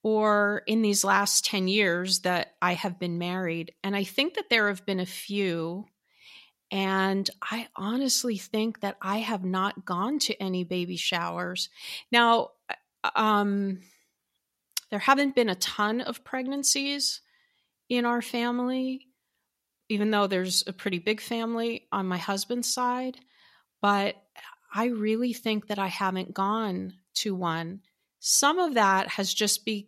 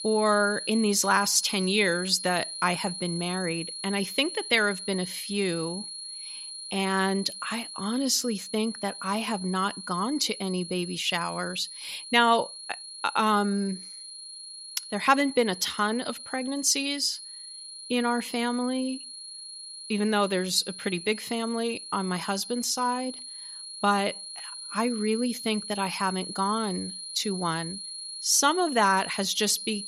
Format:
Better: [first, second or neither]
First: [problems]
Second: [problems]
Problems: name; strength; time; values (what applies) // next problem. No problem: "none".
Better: first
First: none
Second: high-pitched whine; loud; throughout; 4 kHz, 10 dB below the speech